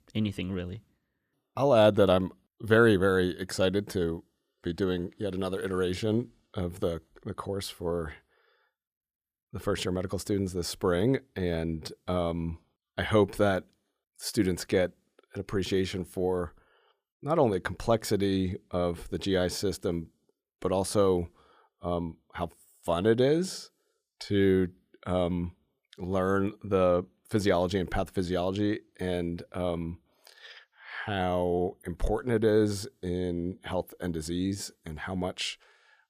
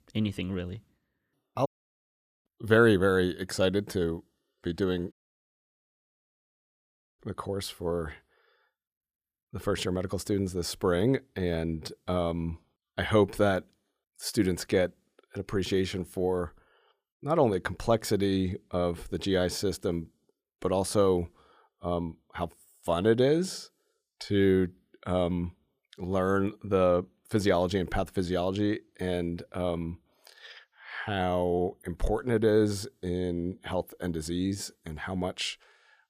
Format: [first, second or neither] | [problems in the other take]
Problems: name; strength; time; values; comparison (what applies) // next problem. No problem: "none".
first | audio cutting out; at 1.5 s for 1 s and at 5 s for 2 s